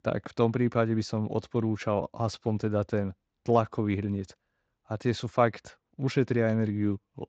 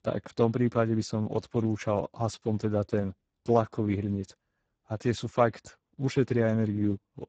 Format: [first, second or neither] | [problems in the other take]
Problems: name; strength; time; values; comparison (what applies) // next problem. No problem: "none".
first | garbled, watery; badly; nothing above 8 kHz; slightly in the first